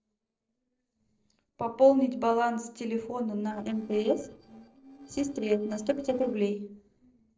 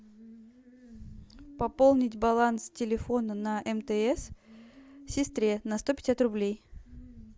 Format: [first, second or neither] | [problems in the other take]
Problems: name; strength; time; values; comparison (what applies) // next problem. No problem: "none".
second | noise reduction (neural separator model SepFormer DNS4)